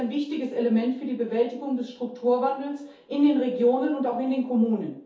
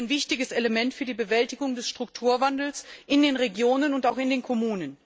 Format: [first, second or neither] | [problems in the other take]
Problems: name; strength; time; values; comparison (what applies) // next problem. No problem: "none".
second | room echo; dies away in 0.5 s